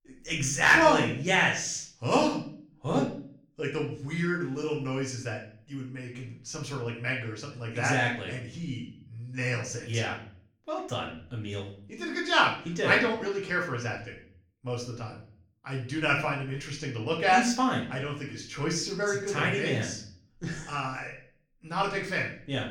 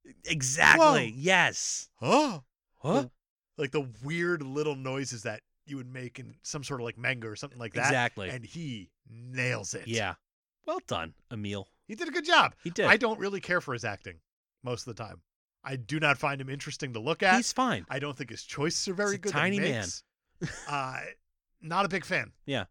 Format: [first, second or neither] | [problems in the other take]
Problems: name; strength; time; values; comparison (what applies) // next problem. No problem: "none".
second | room echo; slight; dies away in 0.5 s // off-mic speech; far